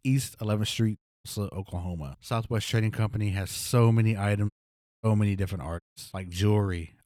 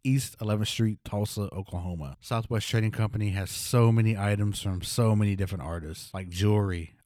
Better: second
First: audio cutting out; at 1 s, at 4.5 s for 0.5 s and at 6 s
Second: none

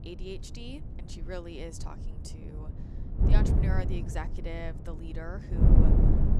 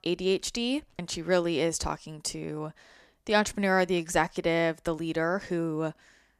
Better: second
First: wind noise on the microphone; heavy; 3 dB above the speech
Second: none

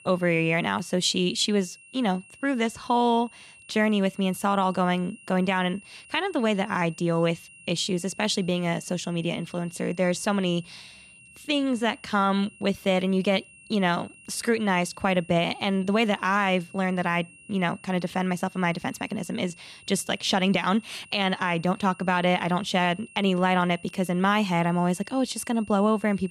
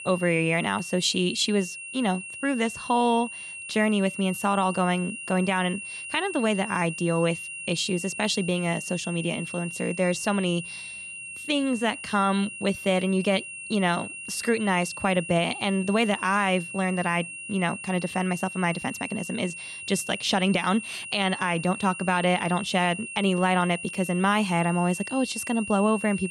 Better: first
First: high-pitched whine; faint; throughout; 2.5 kHz, 25 dB below the speech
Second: high-pitched whine; loud; throughout; 2.5 kHz, 9 dB below the speech

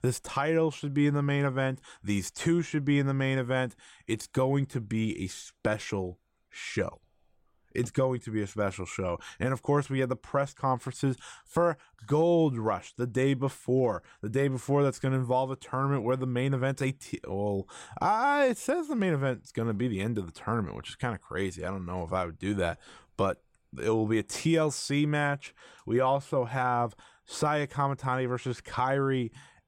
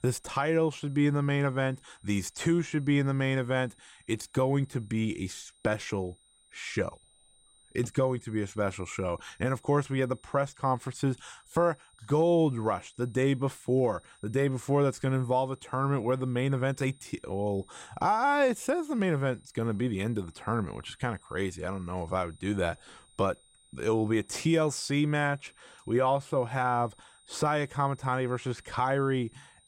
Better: first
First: none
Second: high-pitched whine; faint; throughout; 8.5 kHz, 30 dB below the speech

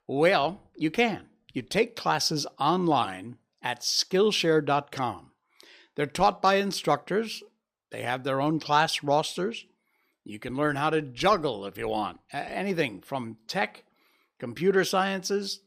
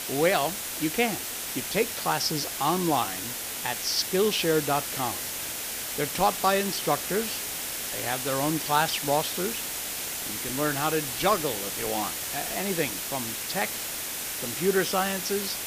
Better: first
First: none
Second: hiss; loud; throughout; 2 dB below the speech

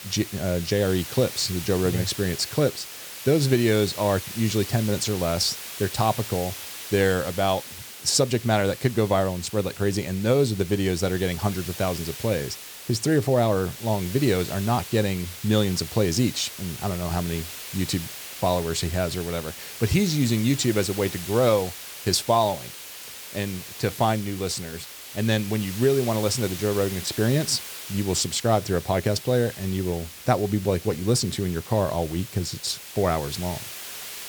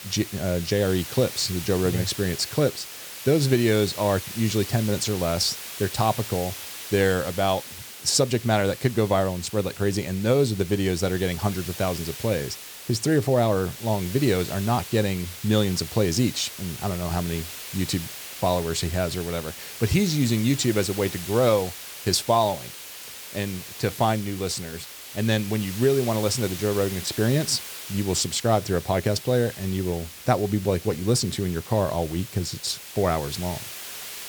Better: neither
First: hiss; noticeable; throughout; 10 dB below the speech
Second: hiss; noticeable; throughout; 10 dB below the speech

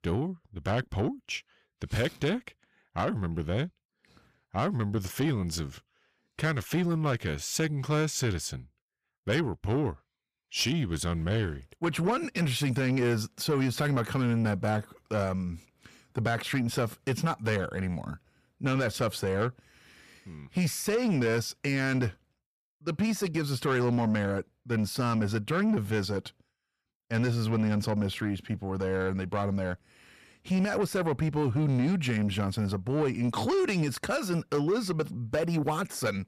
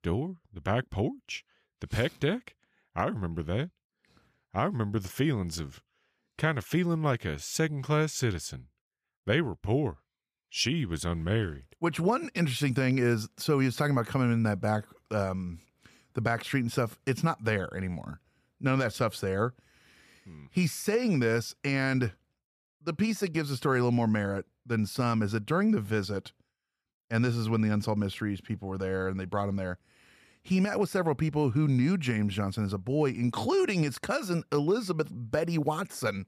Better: second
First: distortion; slight; 10 dB below the speech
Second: none

